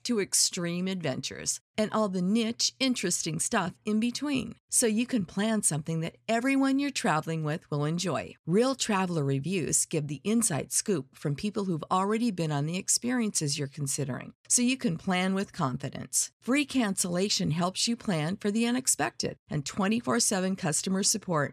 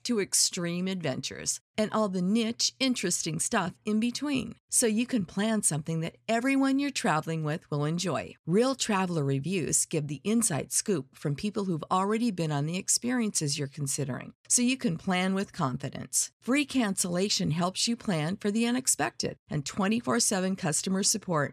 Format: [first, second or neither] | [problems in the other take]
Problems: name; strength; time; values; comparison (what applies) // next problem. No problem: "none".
neither | none